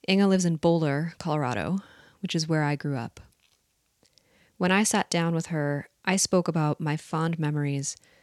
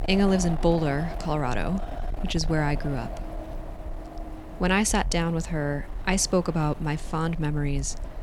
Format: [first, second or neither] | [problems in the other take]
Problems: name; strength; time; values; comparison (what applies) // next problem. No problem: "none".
first | wind noise on the microphone; occasional gusts; 10 dB below the speech